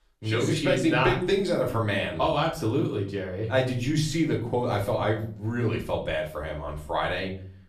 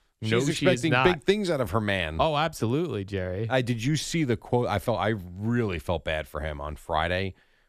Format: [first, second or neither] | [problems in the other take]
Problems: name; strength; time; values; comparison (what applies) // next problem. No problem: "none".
second | off-mic speech; far // room echo; slight; dies away in 0.4 s